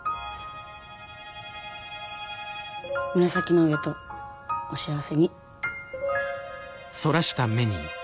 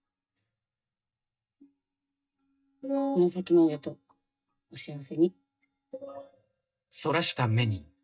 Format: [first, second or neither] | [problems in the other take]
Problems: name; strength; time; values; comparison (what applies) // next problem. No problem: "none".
first | noise reduction (neural mask model DeepFilterNet 3)